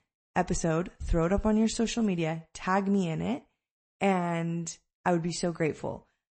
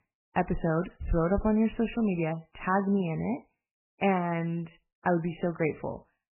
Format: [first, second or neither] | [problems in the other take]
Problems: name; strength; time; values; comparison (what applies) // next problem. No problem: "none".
first | garbled, watery; badly; nothing above 3 kHz; slightly in the first